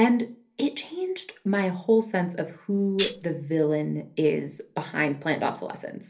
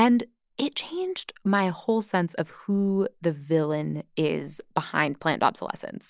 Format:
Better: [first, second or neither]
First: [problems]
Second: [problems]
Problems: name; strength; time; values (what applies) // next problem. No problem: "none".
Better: second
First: background sound (Tambourine); 6 dB below the speech // room echo; dies away in 0.3 s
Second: none